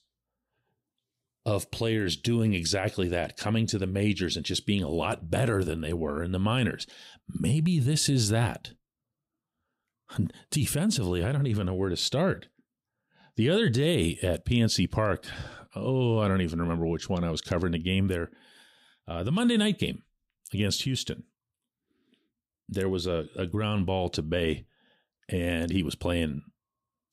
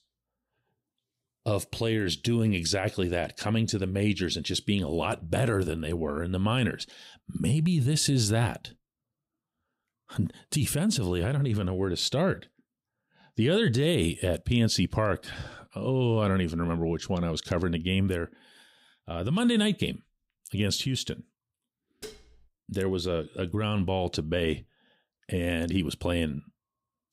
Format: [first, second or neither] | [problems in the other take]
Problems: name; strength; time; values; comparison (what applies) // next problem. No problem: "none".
first | clattering dishes; faint; at 22 s; peak 15 dB below the speech